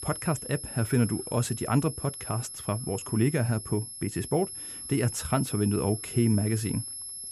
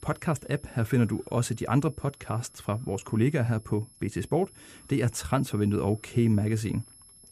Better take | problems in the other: second | high-pitched whine; loud; throughout; 11 kHz, 8 dB below the speech; faint in the second

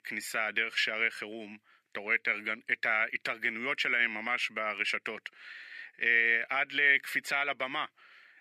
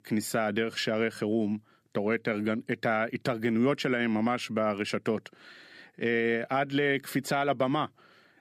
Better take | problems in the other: second | thin; very; fading below 950 Hz

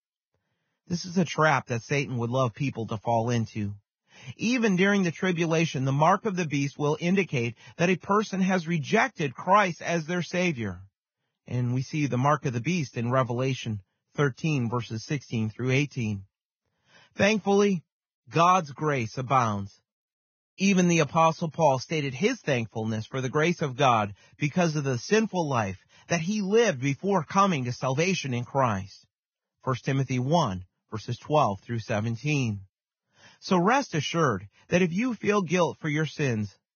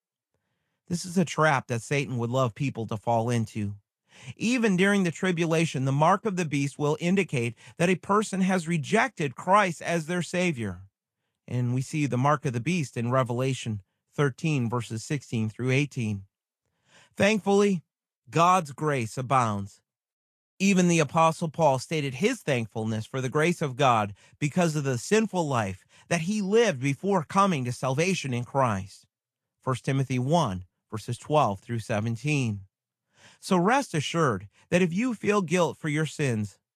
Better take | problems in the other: second | garbled, watery; badly; nothing above 6.5 kHz; slightly in the second

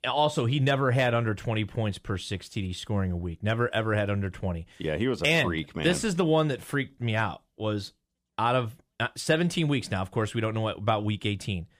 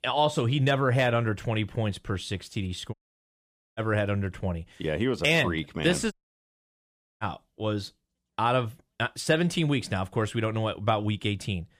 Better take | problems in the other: first | audio cutting out; at 3 s for 1 s and at 6 s for 1 s

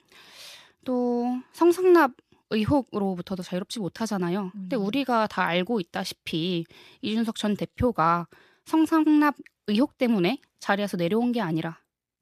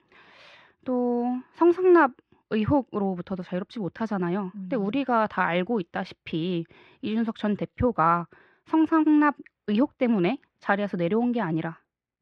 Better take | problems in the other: first | muffled; slightly; fading above 2 kHz

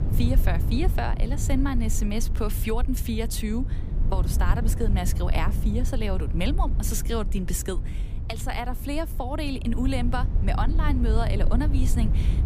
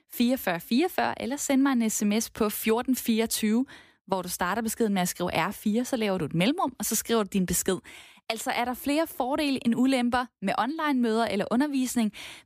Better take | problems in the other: second | low rumble; noticeable; throughout; 10 dB below the speech

